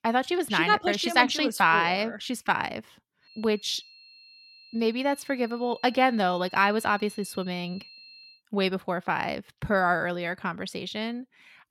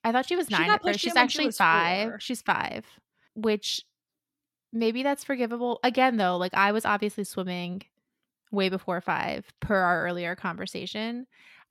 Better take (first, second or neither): second